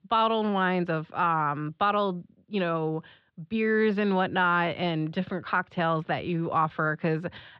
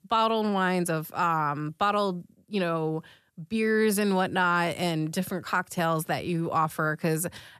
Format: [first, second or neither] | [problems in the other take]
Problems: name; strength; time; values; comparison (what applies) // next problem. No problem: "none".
second | muffled; slightly; fading above 3.5 kHz